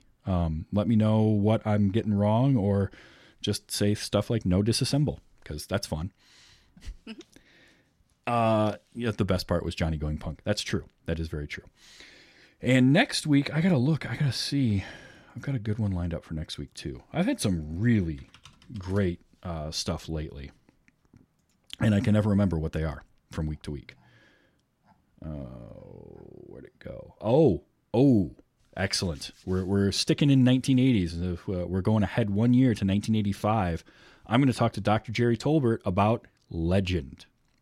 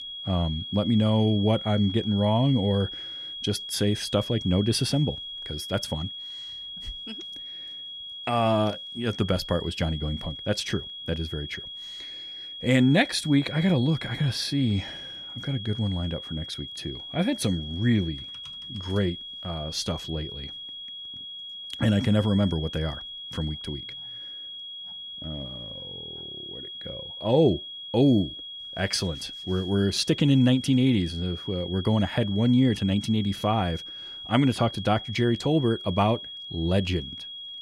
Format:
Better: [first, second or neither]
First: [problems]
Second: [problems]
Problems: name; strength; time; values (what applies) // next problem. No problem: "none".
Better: first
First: none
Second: high-pitched whine; noticeable; throughout; 3.5 kHz, 10 dB below the speech